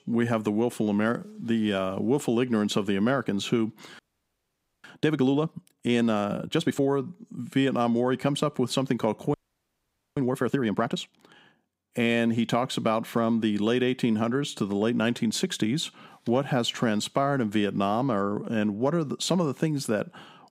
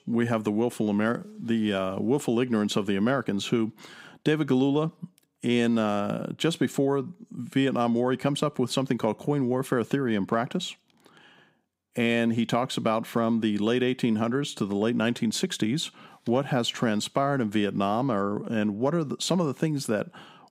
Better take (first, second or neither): second